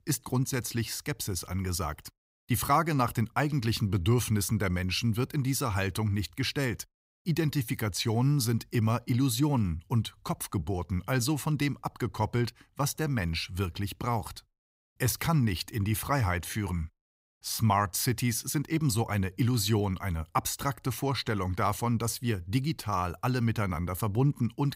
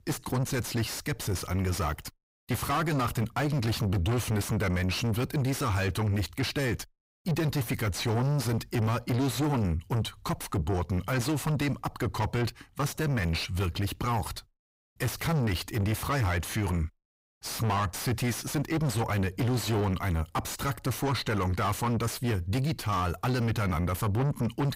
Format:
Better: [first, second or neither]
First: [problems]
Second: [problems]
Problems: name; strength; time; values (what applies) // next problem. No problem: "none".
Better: first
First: none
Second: distortion; heavy; 5 dB below the speech